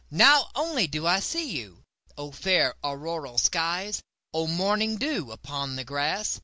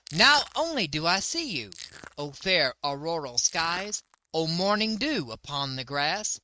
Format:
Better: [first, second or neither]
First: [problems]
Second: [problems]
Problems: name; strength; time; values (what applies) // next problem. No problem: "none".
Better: first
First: none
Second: noise reduction (neural mask model RNNoise)